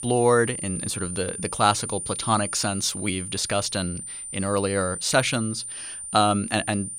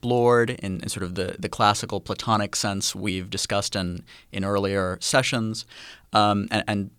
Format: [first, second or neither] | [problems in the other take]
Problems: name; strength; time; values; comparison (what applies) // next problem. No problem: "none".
second | high-pitched whine; loud; throughout; 9 kHz, 7 dB below the speech